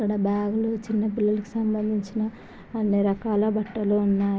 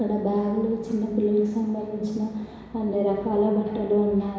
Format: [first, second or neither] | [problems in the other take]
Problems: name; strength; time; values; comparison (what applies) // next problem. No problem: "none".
first | room echo; dies away in 1 s